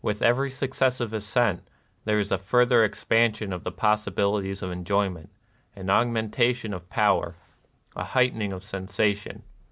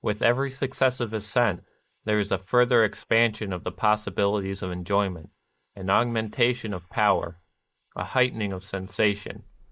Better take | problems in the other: first | noise reduction (neural mask model Resemble Enhance denoiser)

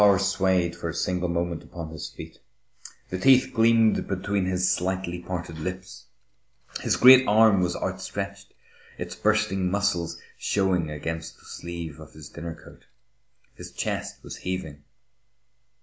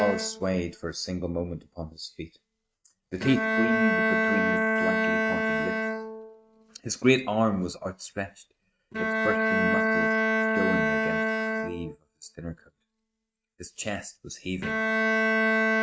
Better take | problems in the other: first | noise reduction (neural mask model RNNoise)

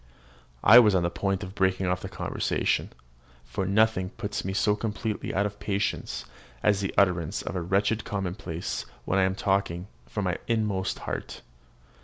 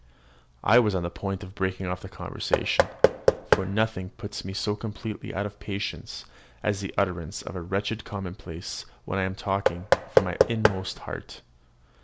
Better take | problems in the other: first | background sound (Knock / Wood); 3 dB above the speech

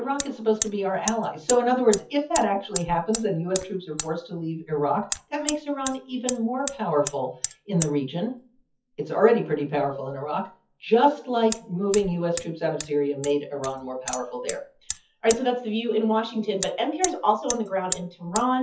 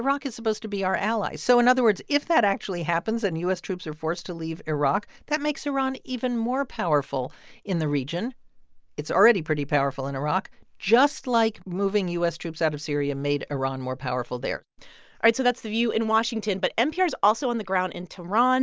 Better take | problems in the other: second | noise reduction (classical method WPE with log-MMSE)

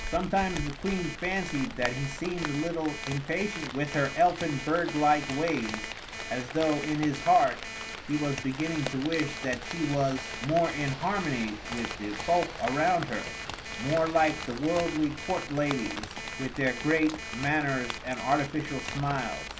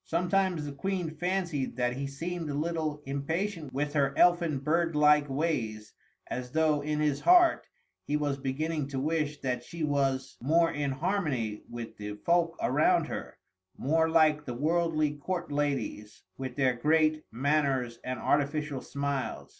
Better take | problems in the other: second | background sound (Alarm + Rain); 8 dB below the speech

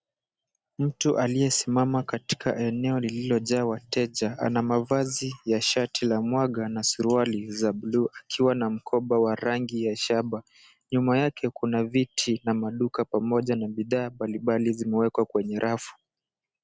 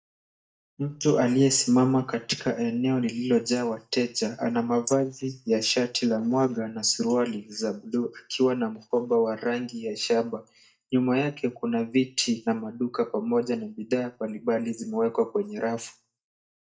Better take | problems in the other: first | noise reduction (neural mask model DeepFilterNet 3)

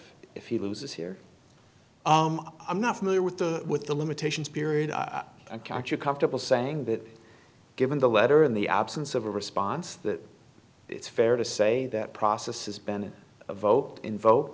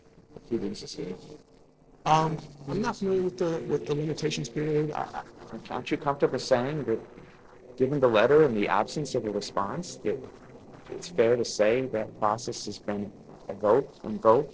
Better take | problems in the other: first | noise reduction (neural separator model SepFormer DNS4)

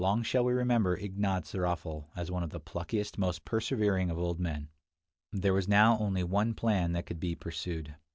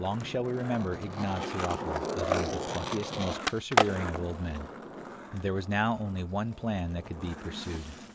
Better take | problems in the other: first | background sound (Skateboard); 2 dB below the speech

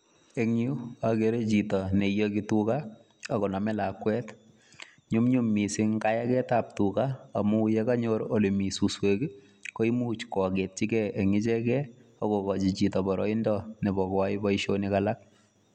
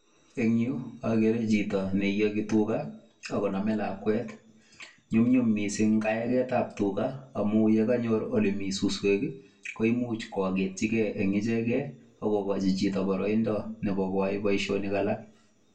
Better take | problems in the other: first | room echo; dies away in 0.2 s

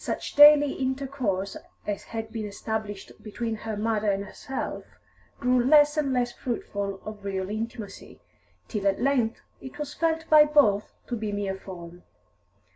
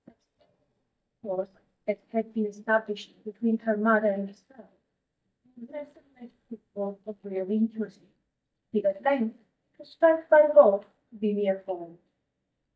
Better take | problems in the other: first | noise reduction (neural mask model DeepFilterNet 3)

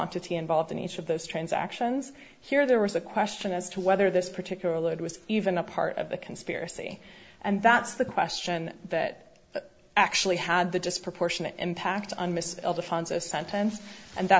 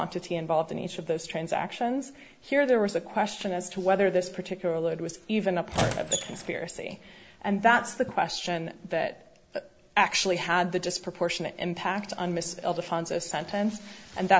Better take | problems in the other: first | background sound (Squeak); 4 dB below the speech

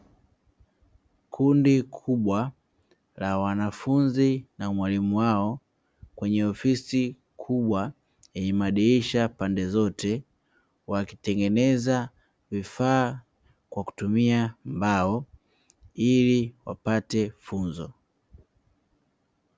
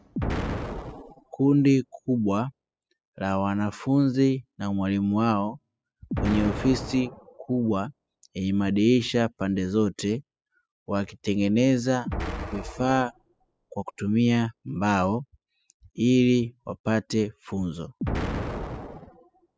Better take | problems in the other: first | noise reduction (classical method spectral subtraction)

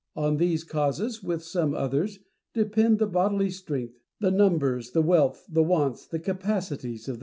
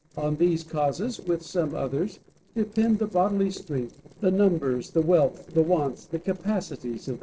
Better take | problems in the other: first | noise reduction (neural separator model SepFormer DNS4)

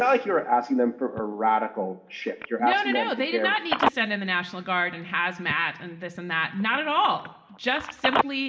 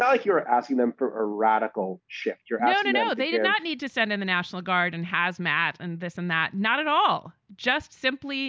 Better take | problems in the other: second | background sound (Telephone); 8 dB below the speech // room echo; dies away in 0.7 s

